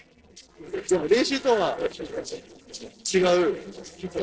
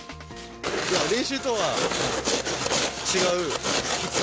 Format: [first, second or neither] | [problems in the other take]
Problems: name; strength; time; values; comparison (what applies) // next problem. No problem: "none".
second | noise reduction (neural separator model SepFormer DNS4)